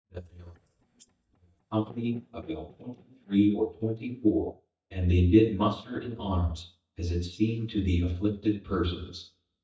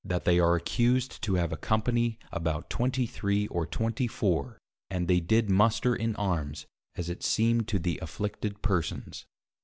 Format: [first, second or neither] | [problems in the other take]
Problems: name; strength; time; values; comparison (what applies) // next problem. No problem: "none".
second | noise reduction (neural mask model DeepFilterNet 3)